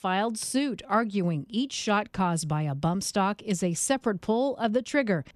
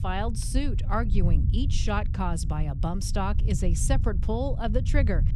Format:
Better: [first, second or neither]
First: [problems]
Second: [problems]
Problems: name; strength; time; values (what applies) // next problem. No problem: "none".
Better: first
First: none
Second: low rumble; noticeable; throughout; 10 dB below the speech